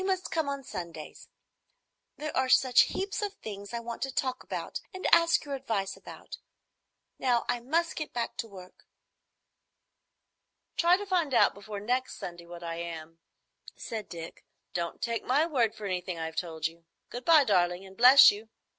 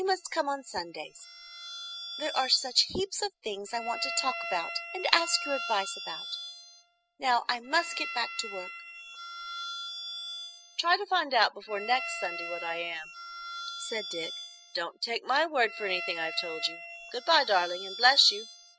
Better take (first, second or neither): first